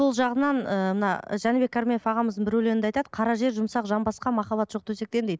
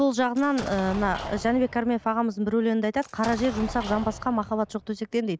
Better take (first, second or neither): first